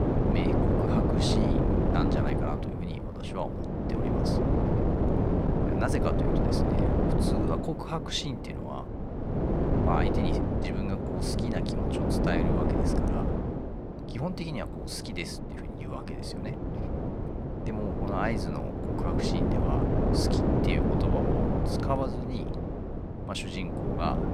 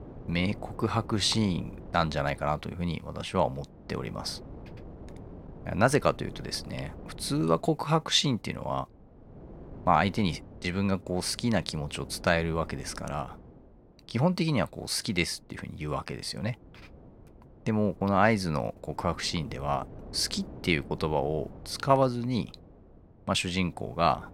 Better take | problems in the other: second | wind noise on the microphone; heavy; 3 dB above the speech; occasional gusts in the second

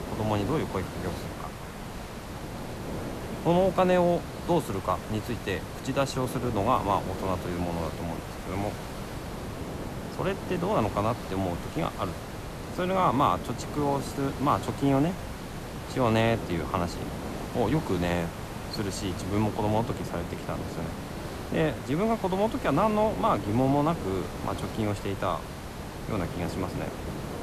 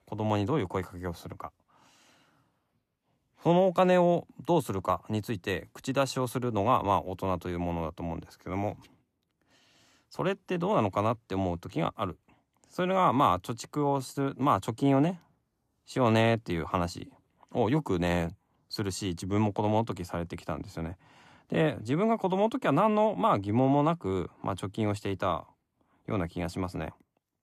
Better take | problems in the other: second | hiss; loud; throughout; 8 dB below the speech

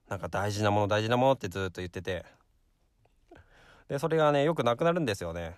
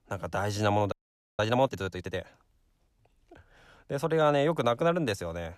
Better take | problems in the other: first | audio freezing; at 1 s

